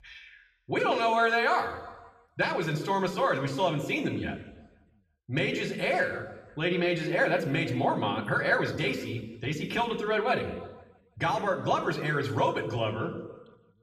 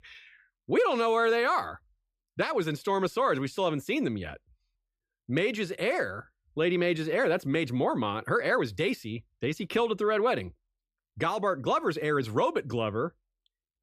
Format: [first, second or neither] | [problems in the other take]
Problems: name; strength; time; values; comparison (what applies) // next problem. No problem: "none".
second | room echo; slight; dies away in 1 s // off-mic speech; somewhat distant